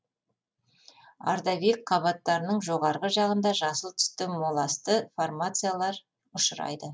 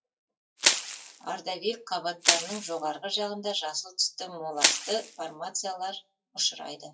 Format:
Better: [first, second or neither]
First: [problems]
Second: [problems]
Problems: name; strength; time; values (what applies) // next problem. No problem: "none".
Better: first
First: none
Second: noise reduction (classical method WPE with log-MMSE)